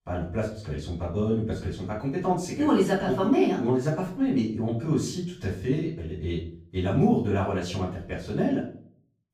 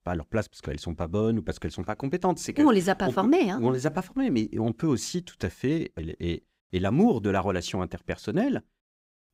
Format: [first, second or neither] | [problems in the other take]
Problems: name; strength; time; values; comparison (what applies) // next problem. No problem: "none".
second | room echo; noticeable; dies away in 0.4 s // off-mic speech; far